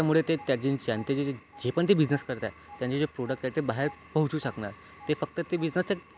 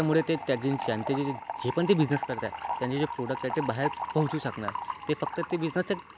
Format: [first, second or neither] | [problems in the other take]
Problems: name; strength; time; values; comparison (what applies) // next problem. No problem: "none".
first | background sound (Fill (with liquid) / Trickle, dribble); 8 dB below the speech